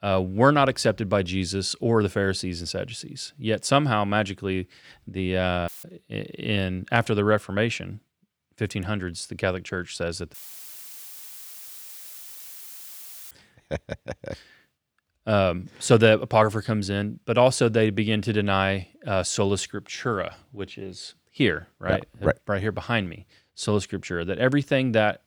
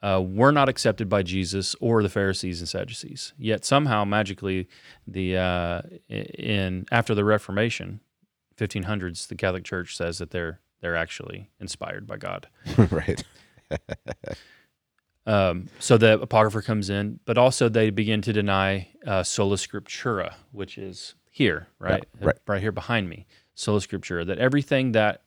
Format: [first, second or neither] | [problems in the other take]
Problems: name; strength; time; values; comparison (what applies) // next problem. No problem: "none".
second | audio cutting out; filled with static; at 5.5 s and at 10 s for 3 s